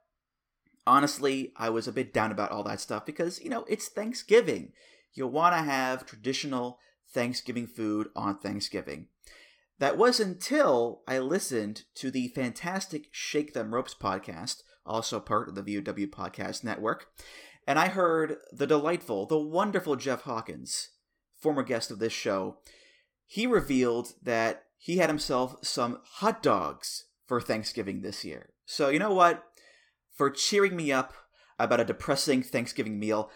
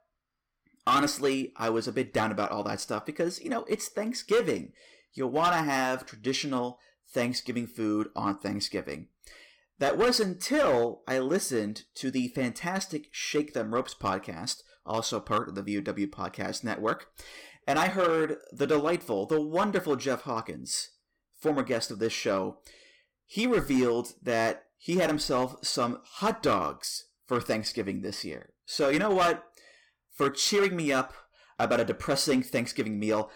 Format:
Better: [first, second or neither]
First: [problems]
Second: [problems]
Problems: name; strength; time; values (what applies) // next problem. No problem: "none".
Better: first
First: none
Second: distortion; slight; 4% of the sound clipped